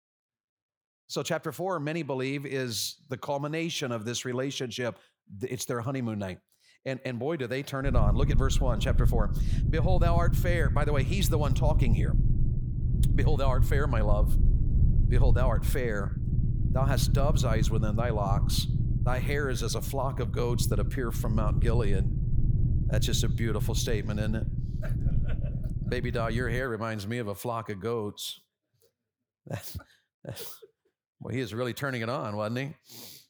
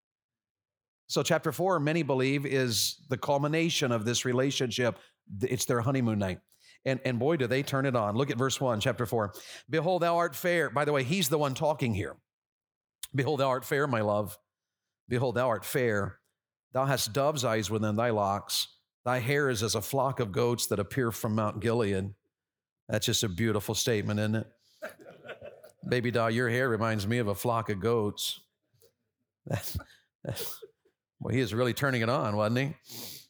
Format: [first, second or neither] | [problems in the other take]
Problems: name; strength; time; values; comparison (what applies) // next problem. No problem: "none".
second | low rumble; loud; from 8 to 27 s; 9 dB below the speech